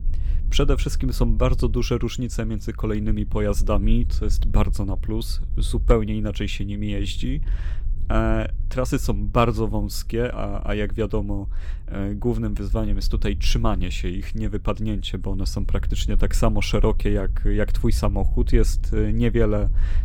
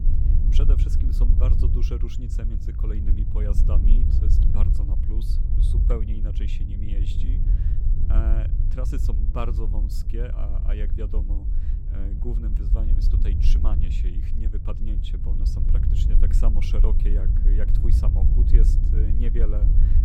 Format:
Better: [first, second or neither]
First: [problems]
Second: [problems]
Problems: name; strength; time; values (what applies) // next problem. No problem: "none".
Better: first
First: low rumble; faint; throughout; 20 dB below the speech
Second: low rumble; loud; throughout; 2 dB below the speech